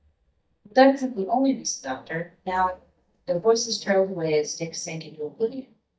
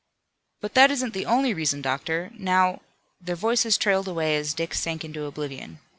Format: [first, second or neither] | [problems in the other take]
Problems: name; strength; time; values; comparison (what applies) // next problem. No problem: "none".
second | noise reduction (neural mask model DeepFilterNet 3)